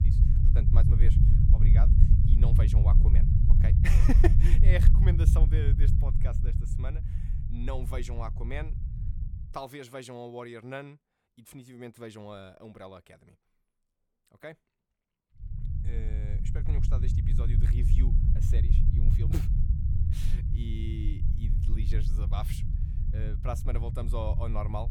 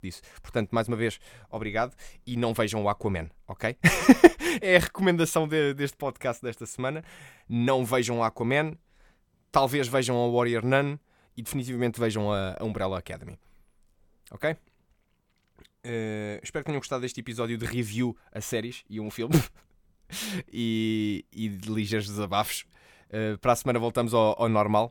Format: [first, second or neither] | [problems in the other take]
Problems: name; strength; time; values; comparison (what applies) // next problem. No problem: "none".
second | low rumble; loud; until 9.5 s and from 16 s on; 2 dB below the speech